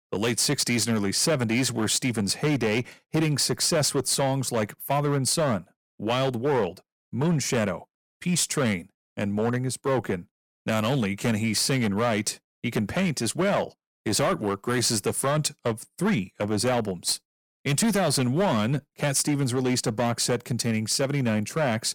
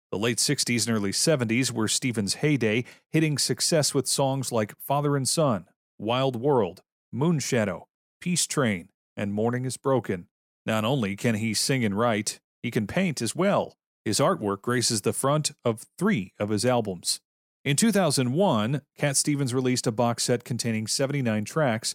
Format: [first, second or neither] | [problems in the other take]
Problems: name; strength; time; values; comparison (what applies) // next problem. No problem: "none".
second | distortion; slight; 10% of the sound clipped